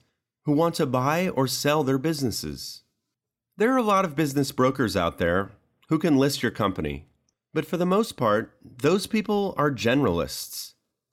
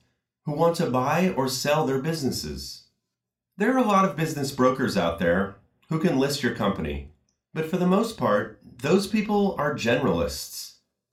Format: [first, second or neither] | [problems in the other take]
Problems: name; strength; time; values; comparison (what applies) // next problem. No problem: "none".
first | room echo; slight; dies away in 0.3 s